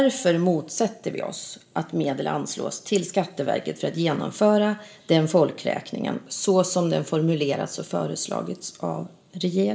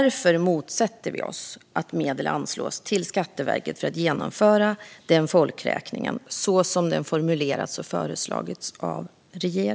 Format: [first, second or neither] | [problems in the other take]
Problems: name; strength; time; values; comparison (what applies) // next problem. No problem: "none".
second | room echo; dies away in 0.4 s